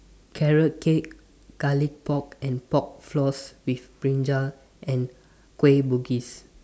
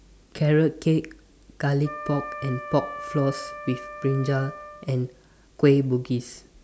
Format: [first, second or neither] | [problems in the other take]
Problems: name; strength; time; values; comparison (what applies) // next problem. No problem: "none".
first | background sound (Wind instrument, woodwind instrument); 12 dB below the speech